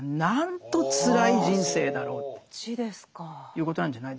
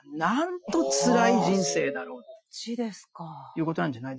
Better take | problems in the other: first | noise reduction (classical method Wiener filter)

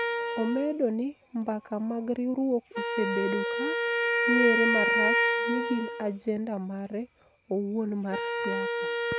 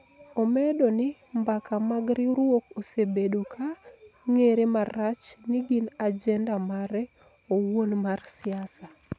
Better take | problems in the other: second | background sound (Wind instrument, woodwind instrument); 1 dB above the speech

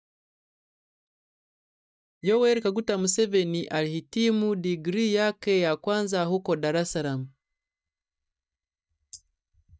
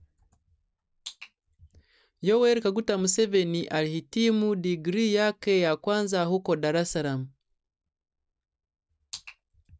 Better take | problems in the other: second | noise reduction (neural mask model DeepFilterNet 3)

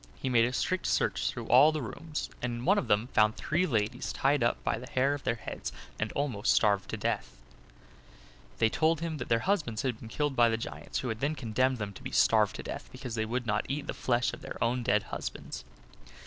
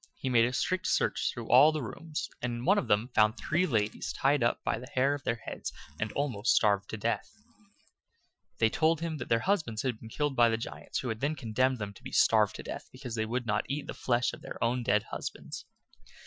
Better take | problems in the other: first | noise reduction (classical method Wiener filter)

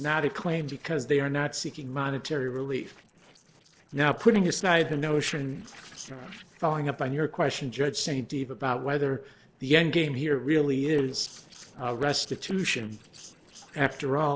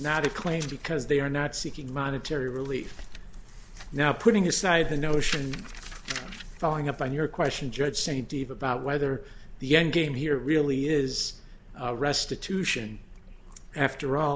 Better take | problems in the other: second | noise reduction (neural separator model SepFormer DNS4)

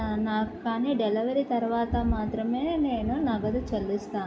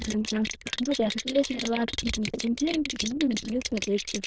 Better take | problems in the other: first | noise reduction (neural diffusion model UNIVERSE++)

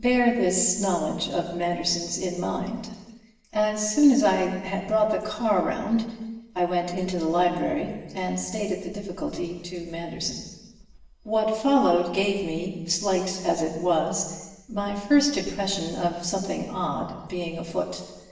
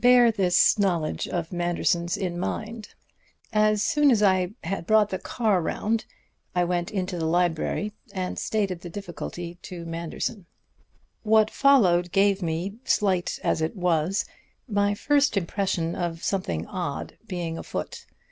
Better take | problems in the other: second | room echo; dies away in 1.2 s

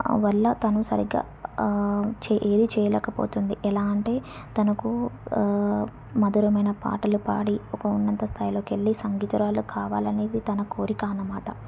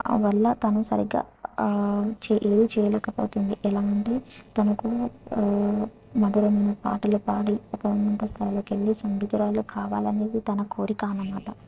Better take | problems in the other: first | noise reduction (neural separator model SepFormer DNS4)

